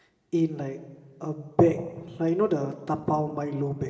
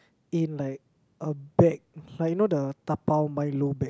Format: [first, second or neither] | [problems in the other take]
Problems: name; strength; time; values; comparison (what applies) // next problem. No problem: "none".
second | room echo; dies away in 1.6 s